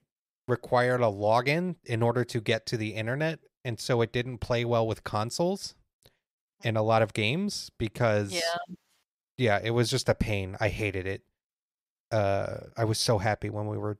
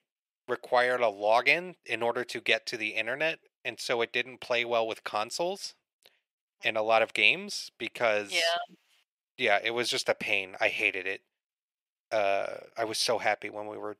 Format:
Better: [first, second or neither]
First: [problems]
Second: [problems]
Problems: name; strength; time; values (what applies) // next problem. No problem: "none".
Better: first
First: none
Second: thin; very; fading below 400 Hz